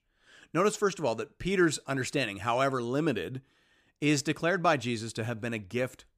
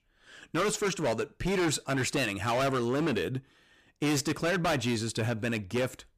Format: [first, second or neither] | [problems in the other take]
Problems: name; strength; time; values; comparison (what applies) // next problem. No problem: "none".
first | distortion; heavy; 17% of the sound clipped